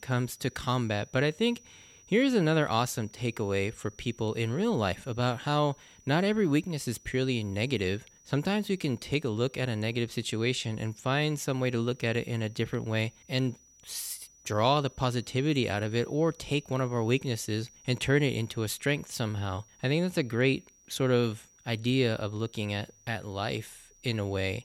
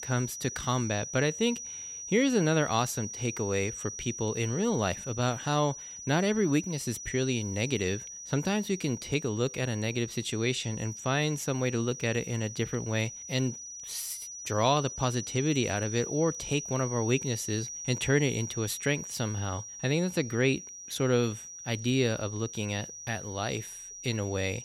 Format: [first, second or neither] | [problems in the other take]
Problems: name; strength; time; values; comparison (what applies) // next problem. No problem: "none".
first | high-pitched whine; loud; throughout; 6 kHz, 9 dB below the speech; faint in the first